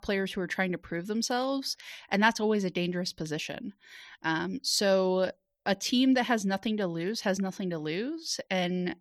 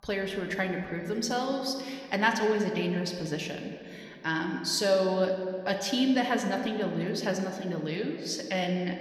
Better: first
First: none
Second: room echo; slight; dies away in 1.8 s

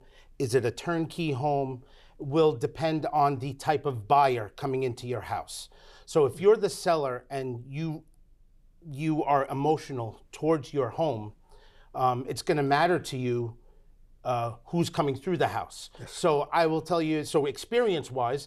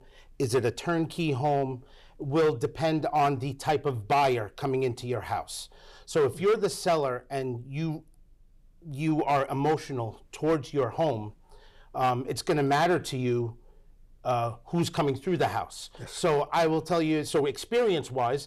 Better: first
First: none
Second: distortion; slight; 4% of the sound clipped

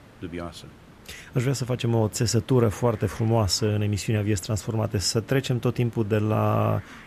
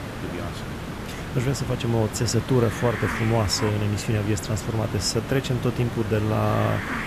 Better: first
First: hiss; faint; throughout; 25 dB below the speech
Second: hiss; loud; throughout; 7 dB below the speech

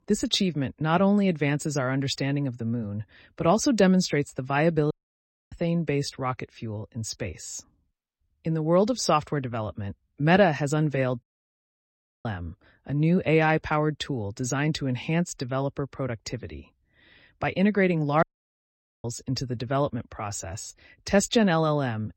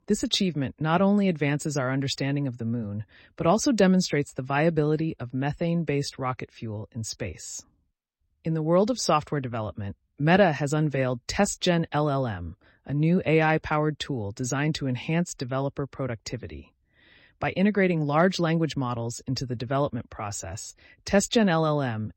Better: second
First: audio cutting out; at 5 s for 0.5 s, at 11 s for 1 s and at 18 s for 1 s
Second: none

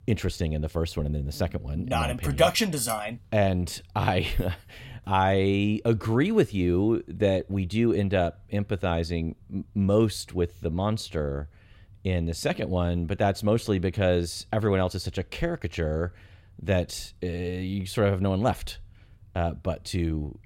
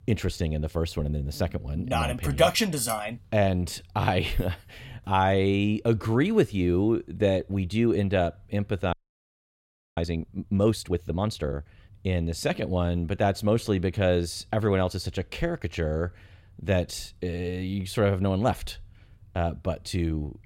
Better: first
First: none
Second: audio freezing; at 9 s for 1 s

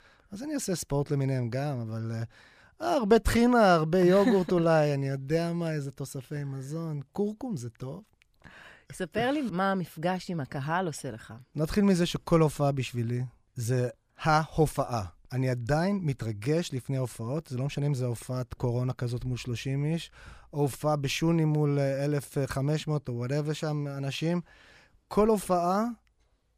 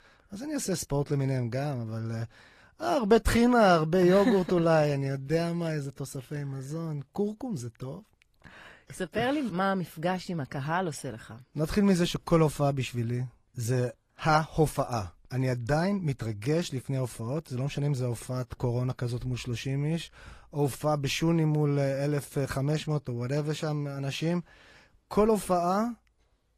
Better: first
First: none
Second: garbled, watery; slightly; nothing above 15 kHz

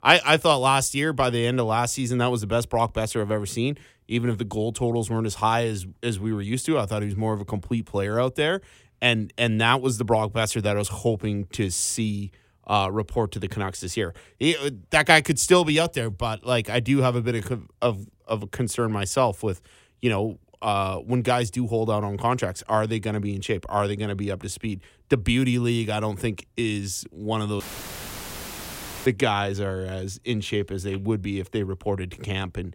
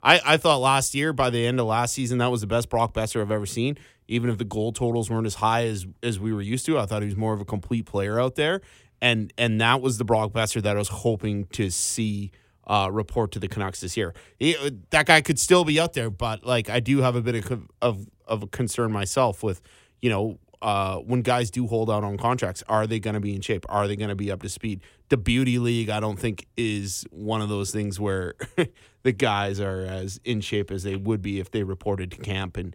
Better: second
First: audio cutting out; filled with static; at 28 s for 1.5 s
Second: none

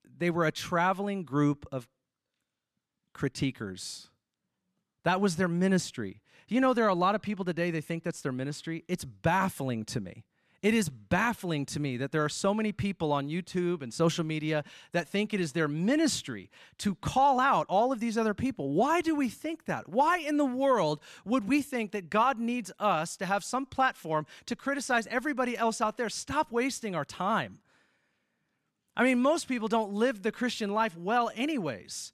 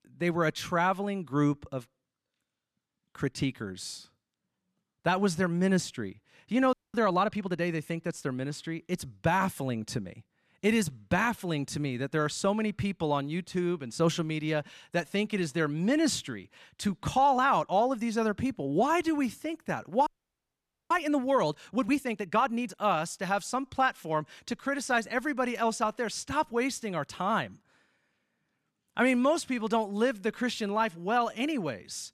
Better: first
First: none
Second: audio freezing; at 6.5 s and at 20 s for 1 s

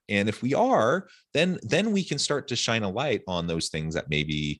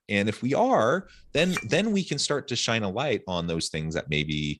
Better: first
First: none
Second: clattering dishes; noticeable; at 1.5 s; peak 8 dB below the speech

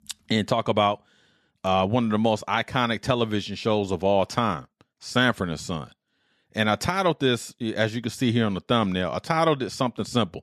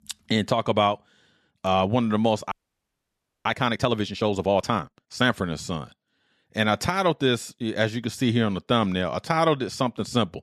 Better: first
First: none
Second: audio freezing; at 2.5 s for 1 s

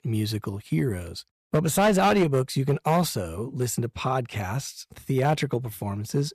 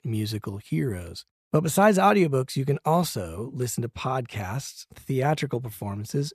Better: second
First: distortion; slight; 5% of the sound clipped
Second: none

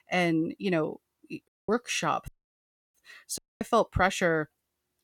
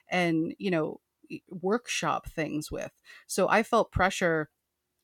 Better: second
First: audio cutting out; at 1.5 s, at 2.5 s for 0.5 s and at 3.5 s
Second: none

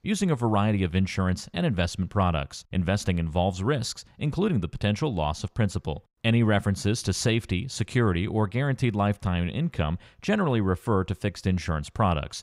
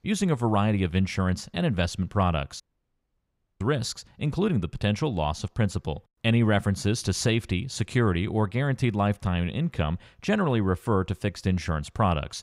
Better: first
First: none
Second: audio cutting out; at 2.5 s for 1 s

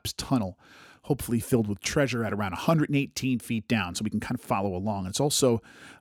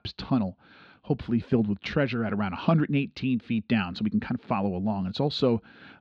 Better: first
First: none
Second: muffled; very slightly; fading above 4 kHz

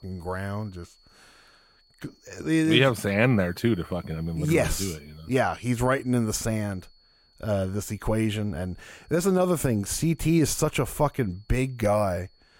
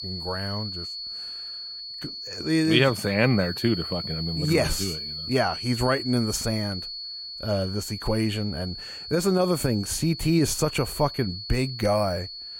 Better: first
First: high-pitched whine; faint; throughout; 4.5 kHz, 35 dB below the speech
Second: high-pitched whine; loud; throughout; 4.5 kHz, 8 dB below the speech

